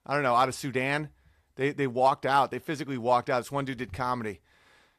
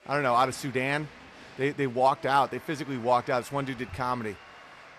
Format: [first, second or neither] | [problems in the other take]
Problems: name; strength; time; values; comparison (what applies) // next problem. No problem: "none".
first | crowd noise; noticeable; throughout; 20 dB below the speech